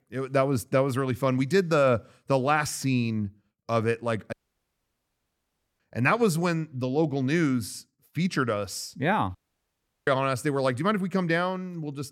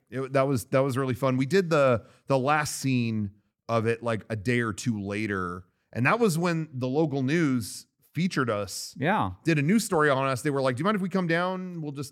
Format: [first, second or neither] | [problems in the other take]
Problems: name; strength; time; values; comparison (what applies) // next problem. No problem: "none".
second | audio cutting out; at 4.5 s for 1.5 s and at 9.5 s for 0.5 s